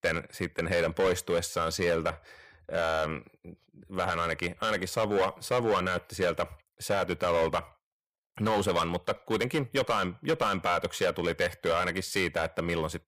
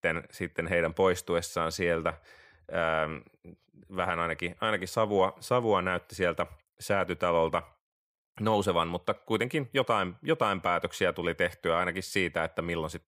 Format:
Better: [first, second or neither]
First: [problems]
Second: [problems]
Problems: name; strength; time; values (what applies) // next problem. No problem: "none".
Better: second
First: distortion; heavy; 7% of the sound clipped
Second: none